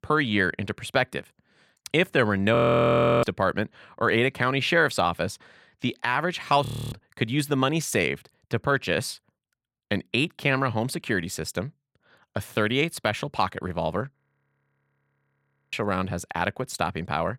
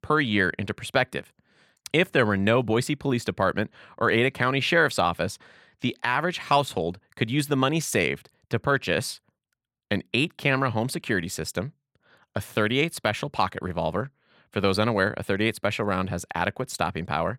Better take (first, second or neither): second